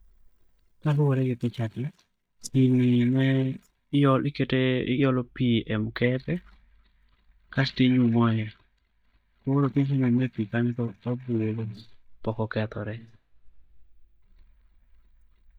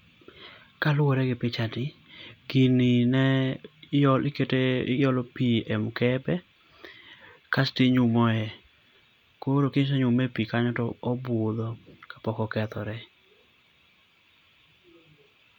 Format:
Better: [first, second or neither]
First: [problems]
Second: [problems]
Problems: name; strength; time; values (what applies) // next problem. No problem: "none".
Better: second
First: noise reduction (neural mask model DeepFilterNet 3)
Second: none